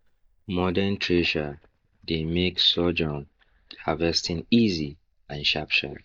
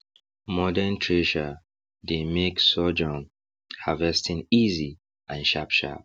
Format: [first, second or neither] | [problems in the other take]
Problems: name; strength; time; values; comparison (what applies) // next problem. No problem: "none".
second | noise reduction (neural mask model DeepFilterNet 3)